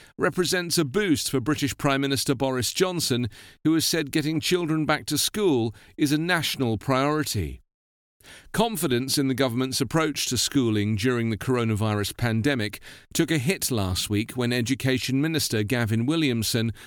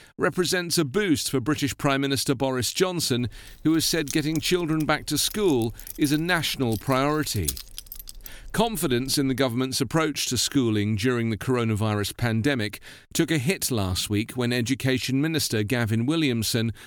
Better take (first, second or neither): first